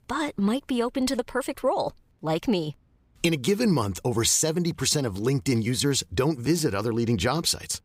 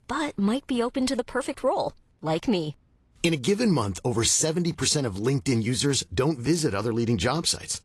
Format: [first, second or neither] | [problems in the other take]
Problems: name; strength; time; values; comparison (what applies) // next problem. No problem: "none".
first | garbled, watery; slightly